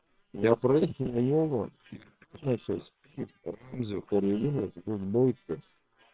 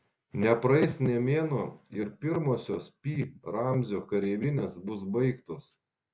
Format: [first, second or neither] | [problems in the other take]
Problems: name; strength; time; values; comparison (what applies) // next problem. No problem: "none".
second | noise reduction (neural separator model SepFormer WHAM!)